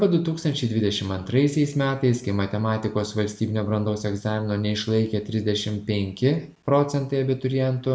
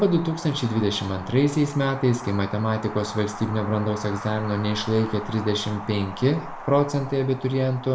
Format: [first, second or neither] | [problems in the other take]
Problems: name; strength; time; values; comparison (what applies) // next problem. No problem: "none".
first | background sound (Wind); 13 dB below the speech